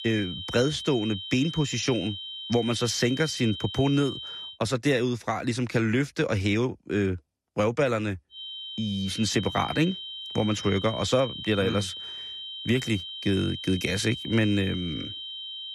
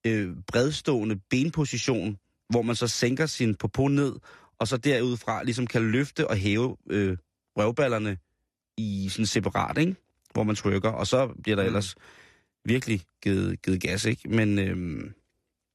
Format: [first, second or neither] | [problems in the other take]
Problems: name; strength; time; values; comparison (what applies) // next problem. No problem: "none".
second | high-pitched whine; loud; until 4.5 s and from 8.5 s on; 3 kHz, 8 dB below the speech